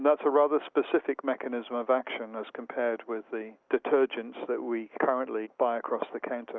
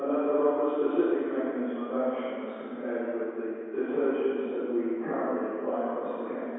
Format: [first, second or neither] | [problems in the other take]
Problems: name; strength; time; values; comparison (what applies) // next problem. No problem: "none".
first | room echo; dies away in 2 s